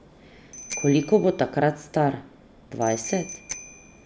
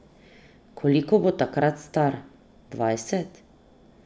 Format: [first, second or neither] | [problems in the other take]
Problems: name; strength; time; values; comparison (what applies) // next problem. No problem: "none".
second | background sound (Bicycle bell); 15 dB below the speech